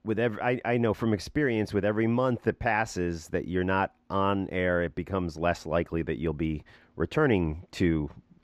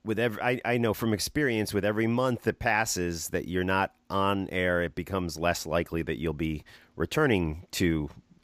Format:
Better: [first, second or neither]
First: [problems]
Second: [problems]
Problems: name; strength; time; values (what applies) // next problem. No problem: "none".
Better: second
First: muffled; slightly; fading above 2 kHz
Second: none